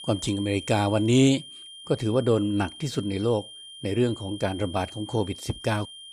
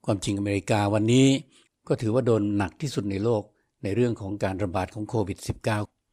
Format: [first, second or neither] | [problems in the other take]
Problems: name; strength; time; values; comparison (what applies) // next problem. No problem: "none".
second | high-pitched whine; noticeable; throughout; 3 kHz, 15 dB below the speech